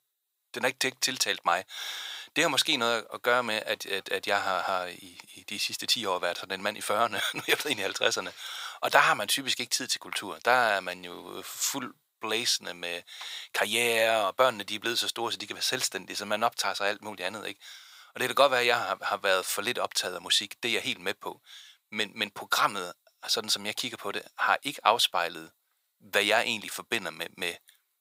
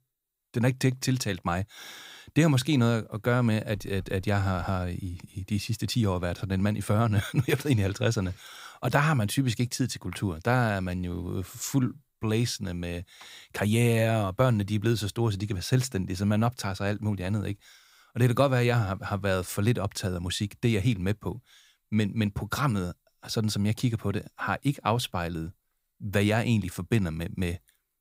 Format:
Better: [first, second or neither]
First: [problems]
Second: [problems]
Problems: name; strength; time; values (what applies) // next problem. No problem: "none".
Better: second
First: thin; very; fading below 700 Hz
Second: none